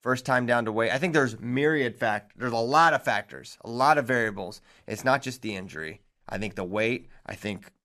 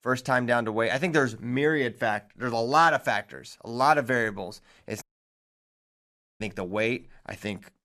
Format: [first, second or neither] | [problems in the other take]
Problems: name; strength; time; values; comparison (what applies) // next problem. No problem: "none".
first | audio cutting out; at 5 s for 1.5 s